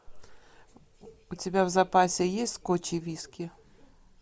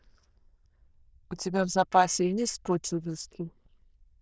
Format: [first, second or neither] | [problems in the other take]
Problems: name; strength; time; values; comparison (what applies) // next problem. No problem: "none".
first | noise reduction (neural diffusion model UNIVERSE++)